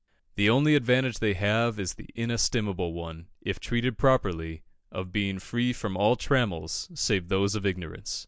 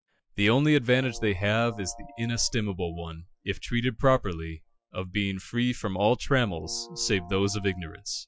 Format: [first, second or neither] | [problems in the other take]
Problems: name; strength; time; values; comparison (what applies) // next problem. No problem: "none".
first | noise reduction (classical method Wiener filter)